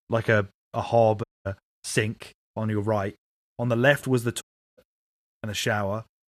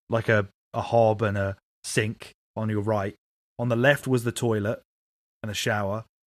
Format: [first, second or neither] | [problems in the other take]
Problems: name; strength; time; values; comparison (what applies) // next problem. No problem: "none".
second | audio cutting out; at 1 s and at 4.5 s